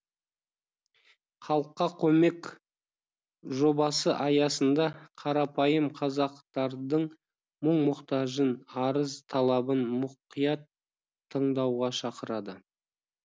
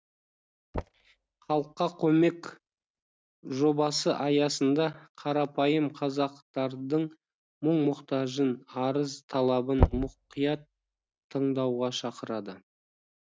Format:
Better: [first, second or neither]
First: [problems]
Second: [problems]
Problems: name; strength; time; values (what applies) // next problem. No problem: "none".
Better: first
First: none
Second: noise reduction (neural mask model RNNoise)